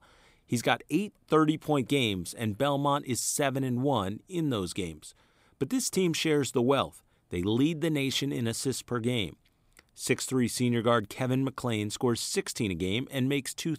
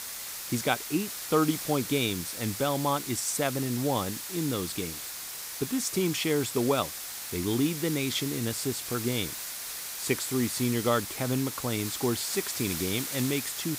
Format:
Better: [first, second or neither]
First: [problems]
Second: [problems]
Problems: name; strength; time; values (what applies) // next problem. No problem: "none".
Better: first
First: none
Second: hiss; loud; throughout; 5 dB below the speech